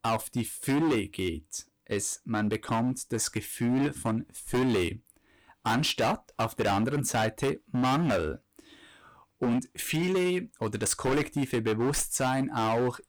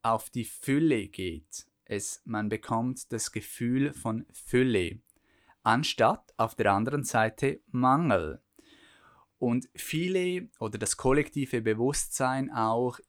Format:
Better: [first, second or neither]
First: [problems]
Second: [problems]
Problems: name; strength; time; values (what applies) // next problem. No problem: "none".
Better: second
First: distortion; heavy; 15% of the sound clipped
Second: none